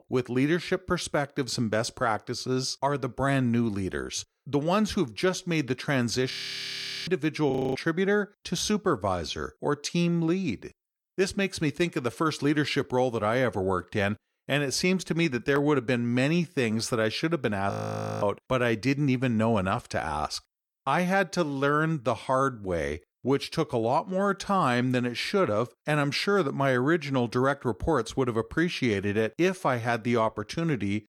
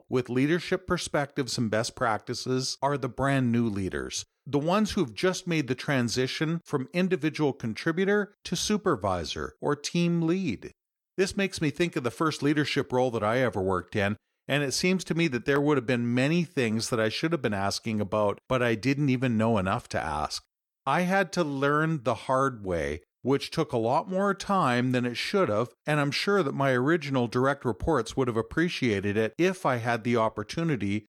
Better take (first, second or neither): second